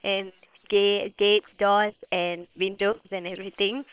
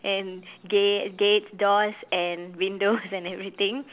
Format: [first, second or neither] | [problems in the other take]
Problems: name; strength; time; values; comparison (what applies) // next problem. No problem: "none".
second | noise reduction (neural separator model SepFormer WHAM!)